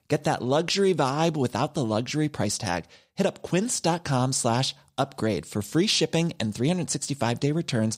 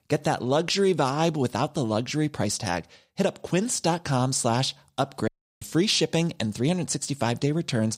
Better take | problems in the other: first | audio cutting out; at 5.5 s

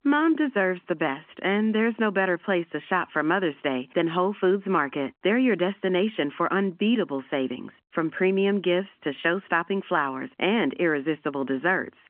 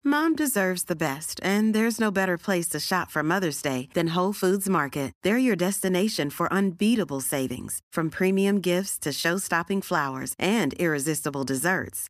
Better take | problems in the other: second | phone-call audio; nothing above 3 kHz

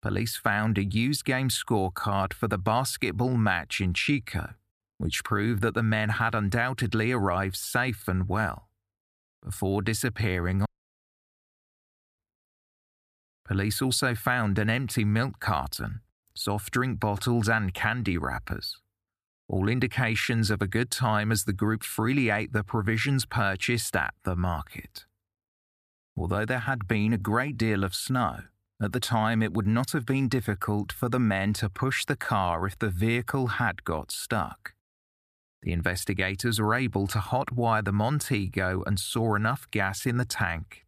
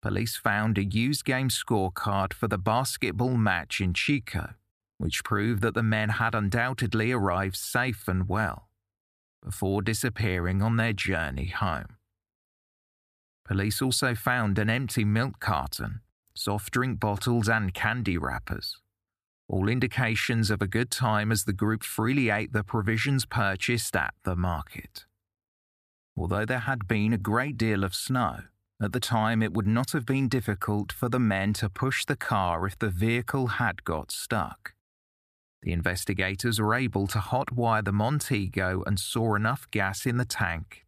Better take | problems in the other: second | audio cutting out; at 11 s for 1.5 s

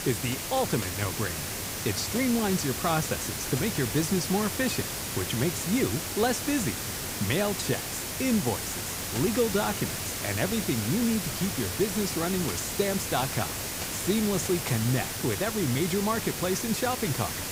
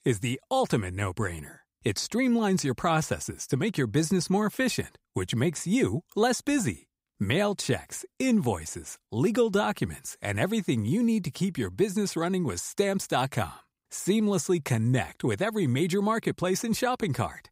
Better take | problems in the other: second | hiss; loud; throughout; 2 dB below the speech

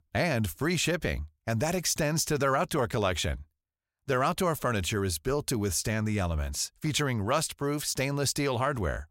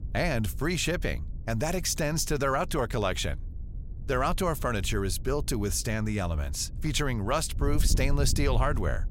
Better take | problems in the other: first | wind noise on the microphone; occasional gusts; 20 dB below the speech

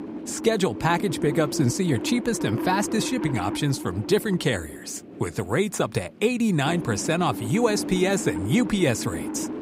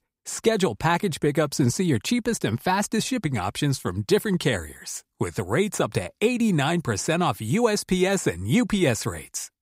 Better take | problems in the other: second | wind noise on the microphone; heavy; 9 dB below the speech

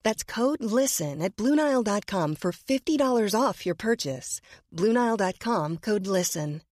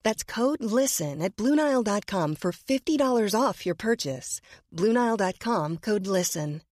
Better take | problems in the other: neither | none

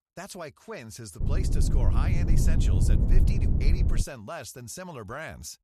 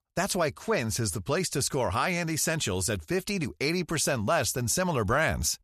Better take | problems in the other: second | wind noise on the microphone; heavy; from 1 to 4 s; 1 dB below the speech

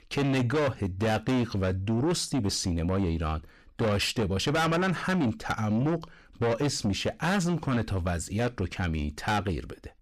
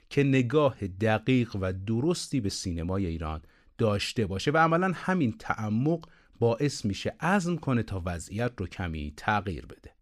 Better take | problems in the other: second | distortion; heavy; 6 dB below the speech

